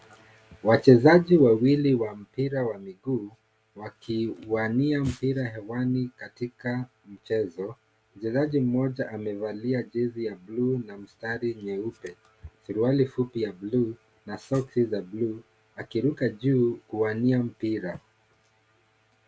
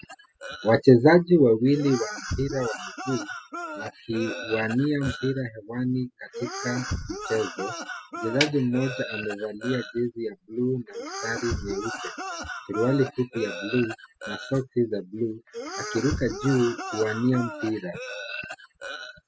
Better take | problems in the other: first | noise reduction (classical method spectral subtraction)

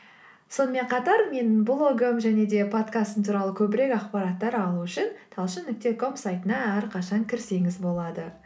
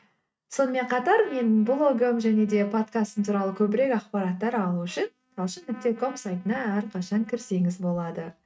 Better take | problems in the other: first | noise reduction (neural mask model RNNoise)

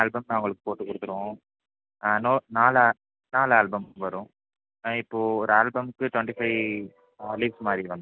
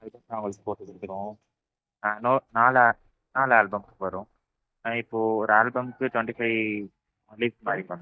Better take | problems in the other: first | noise reduction (neural mask model DeepFilterNet 3)

